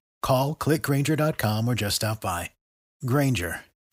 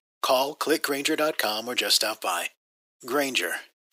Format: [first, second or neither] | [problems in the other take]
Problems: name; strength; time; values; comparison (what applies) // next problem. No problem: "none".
first | thin; somewhat; fading below 350 Hz